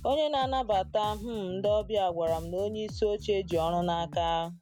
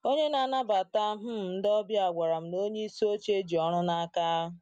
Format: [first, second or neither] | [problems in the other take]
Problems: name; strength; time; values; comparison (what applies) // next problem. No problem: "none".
second | background sound (Bass guitar); 14 dB below the speech